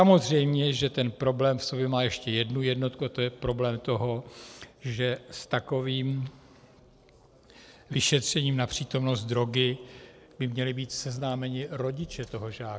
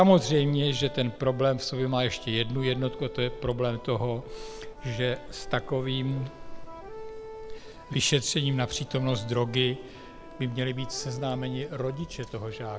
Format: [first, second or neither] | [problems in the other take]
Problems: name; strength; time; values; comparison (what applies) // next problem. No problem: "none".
first | background sound (Wind + Accordion); 13 dB below the speech